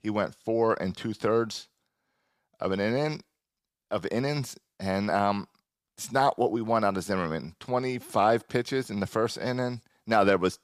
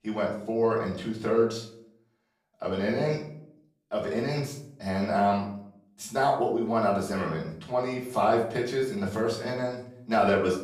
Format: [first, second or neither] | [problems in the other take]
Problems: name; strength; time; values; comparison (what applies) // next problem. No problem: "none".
first | off-mic speech; far // room echo; slight; dies away in 0.5 s